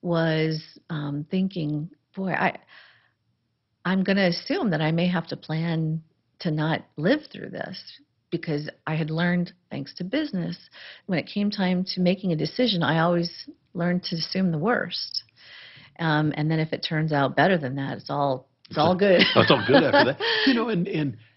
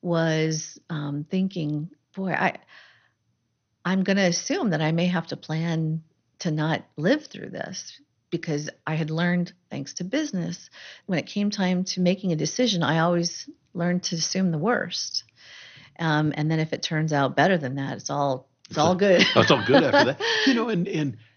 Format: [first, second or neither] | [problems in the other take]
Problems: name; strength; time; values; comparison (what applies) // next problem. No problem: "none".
second | garbled, watery; badly; nothing above 5.5 kHz; slightly in the second